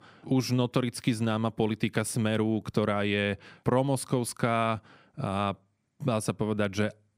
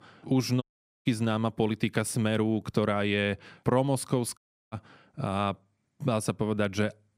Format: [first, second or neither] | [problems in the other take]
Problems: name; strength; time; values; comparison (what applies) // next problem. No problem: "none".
first | audio cutting out; at 0.5 s and at 4.5 s